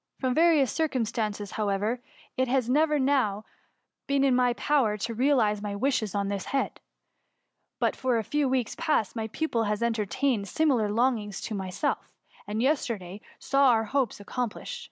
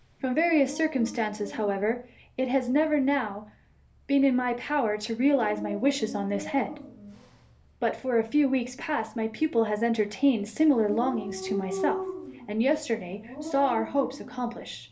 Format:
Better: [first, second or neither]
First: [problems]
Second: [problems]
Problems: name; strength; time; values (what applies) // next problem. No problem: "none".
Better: first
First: none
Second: background sound (Dog); 13 dB below the speech // room echo; dies away in 0.3 s